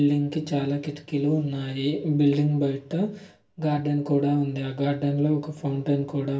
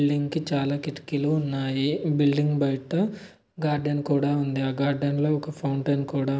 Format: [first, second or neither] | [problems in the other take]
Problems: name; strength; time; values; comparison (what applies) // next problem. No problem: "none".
second | room echo; dies away in 0.2 s